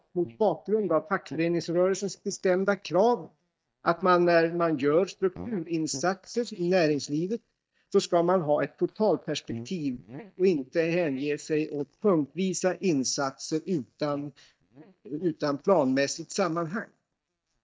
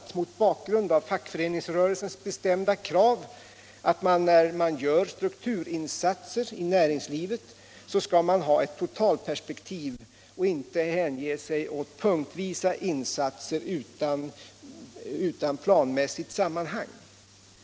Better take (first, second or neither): second